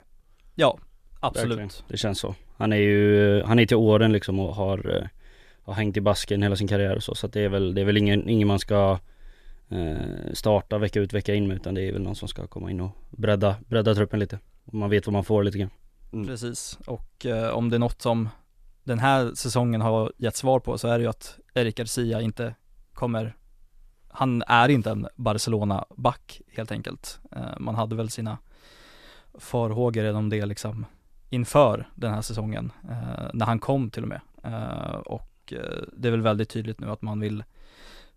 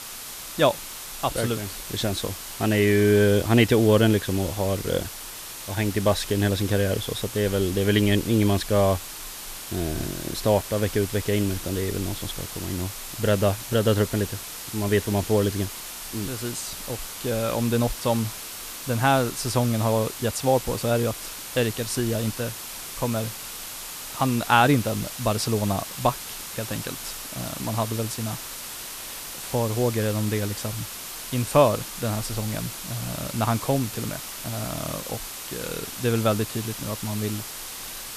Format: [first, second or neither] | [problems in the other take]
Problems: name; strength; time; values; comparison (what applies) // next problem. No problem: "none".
first | hiss; loud; throughout; 9 dB below the speech